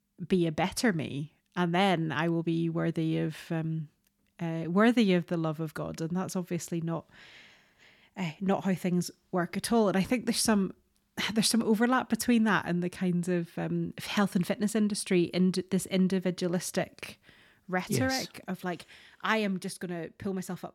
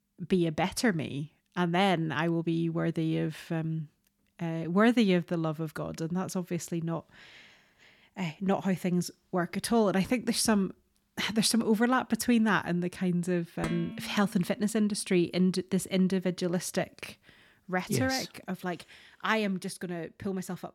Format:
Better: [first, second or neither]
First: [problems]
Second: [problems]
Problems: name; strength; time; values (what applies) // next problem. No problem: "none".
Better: first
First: none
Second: clattering dishes; noticeable; at 14 s; peak 9 dB below the speech